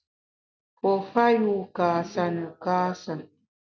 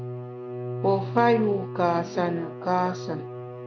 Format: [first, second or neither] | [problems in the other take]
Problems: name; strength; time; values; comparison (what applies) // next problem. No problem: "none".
first | background sound (Bowed string instrument); 8 dB below the speech